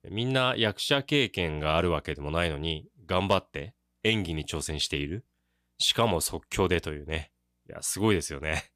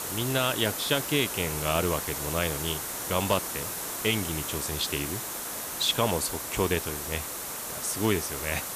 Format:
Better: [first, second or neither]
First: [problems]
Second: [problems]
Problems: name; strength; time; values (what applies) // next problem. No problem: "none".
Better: first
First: none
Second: hiss; loud; throughout; 3 dB below the speech